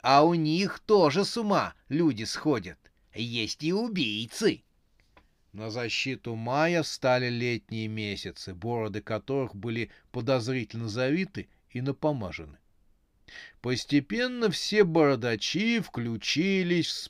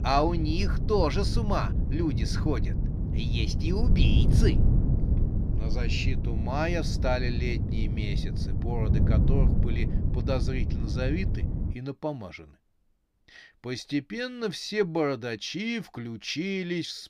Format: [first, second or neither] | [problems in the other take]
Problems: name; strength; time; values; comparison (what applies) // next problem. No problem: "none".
first | wind noise on the microphone; heavy; until 12 s; 7 dB below the speech